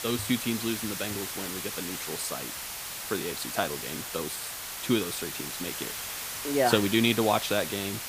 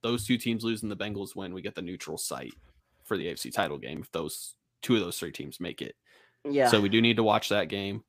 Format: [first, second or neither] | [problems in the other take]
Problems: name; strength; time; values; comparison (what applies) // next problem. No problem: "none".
second | hiss; loud; throughout; 4 dB below the speech